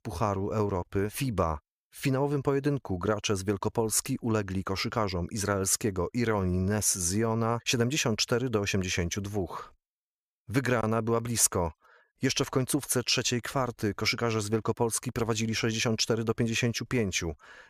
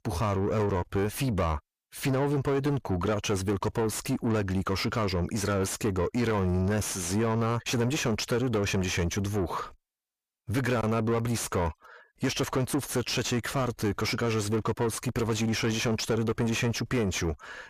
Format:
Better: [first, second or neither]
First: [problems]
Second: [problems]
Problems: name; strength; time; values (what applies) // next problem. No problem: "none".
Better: first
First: none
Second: distortion; heavy; 7 dB below the speech